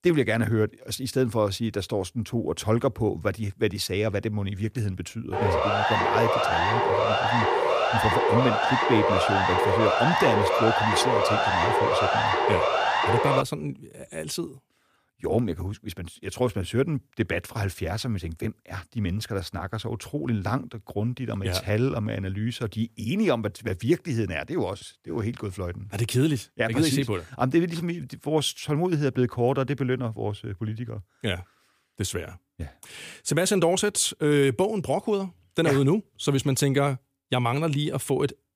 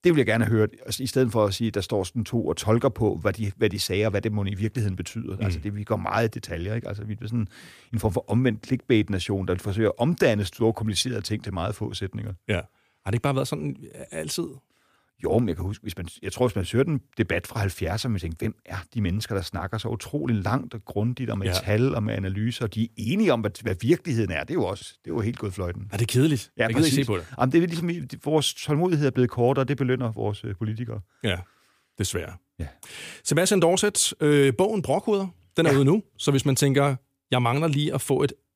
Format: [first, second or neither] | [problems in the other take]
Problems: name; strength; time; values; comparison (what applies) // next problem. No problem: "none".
second | siren; loud; from 5.5 to 13 s; peak 5 dB above the speech